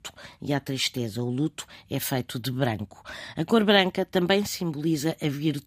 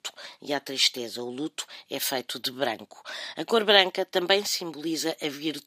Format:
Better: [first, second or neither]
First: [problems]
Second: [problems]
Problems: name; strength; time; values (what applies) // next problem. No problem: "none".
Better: first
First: none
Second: thin; somewhat; fading below 450 Hz